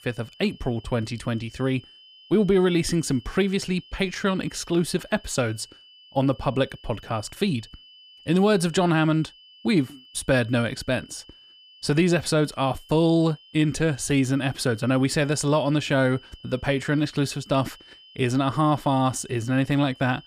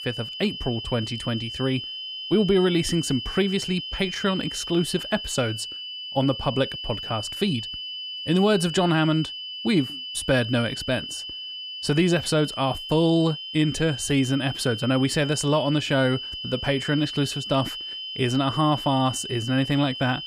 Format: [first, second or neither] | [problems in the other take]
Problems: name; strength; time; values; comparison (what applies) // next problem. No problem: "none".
first | high-pitched whine; loud; throughout; 3 kHz, 7 dB below the speech; faint in the first